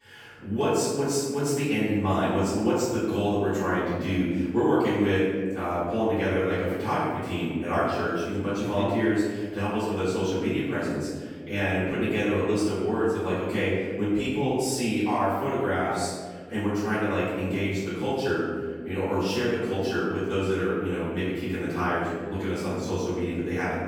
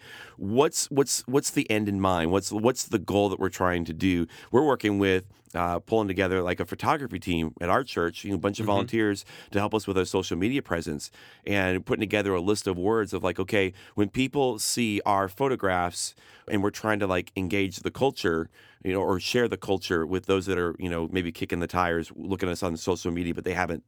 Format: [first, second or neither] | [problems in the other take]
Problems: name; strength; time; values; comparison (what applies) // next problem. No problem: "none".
second | room echo; strong; dies away in 1.6 s // off-mic speech; far